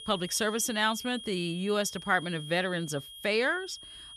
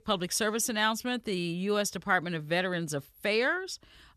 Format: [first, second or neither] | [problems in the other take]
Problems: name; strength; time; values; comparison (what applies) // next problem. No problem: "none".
second | high-pitched whine; noticeable; throughout; 3.5 kHz, 15 dB below the speech